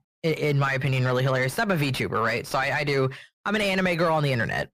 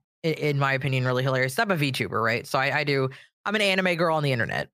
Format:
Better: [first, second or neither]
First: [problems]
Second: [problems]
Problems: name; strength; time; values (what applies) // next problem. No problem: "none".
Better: second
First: distortion; slight; 10 dB below the speech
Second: none